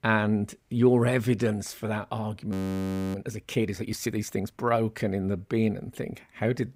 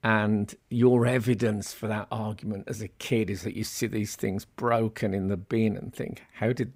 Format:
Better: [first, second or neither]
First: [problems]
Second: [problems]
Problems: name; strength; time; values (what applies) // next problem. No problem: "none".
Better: second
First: audio freezing; at 2.5 s for 0.5 s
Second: none